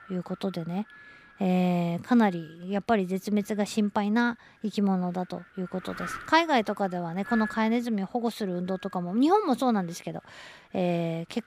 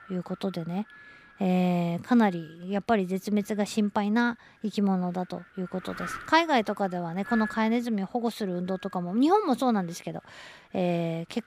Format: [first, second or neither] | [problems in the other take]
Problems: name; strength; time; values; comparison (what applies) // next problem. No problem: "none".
neither | wind noise on the microphone; occasional gusts; 10 dB below the speech; the same in both